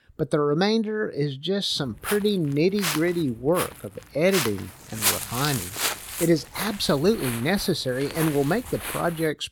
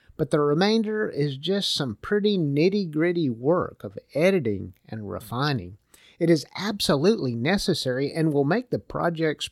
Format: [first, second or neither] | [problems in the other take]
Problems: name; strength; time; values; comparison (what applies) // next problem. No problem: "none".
second | footsteps; loud; from 2 to 9 s; peak 2 dB above the speech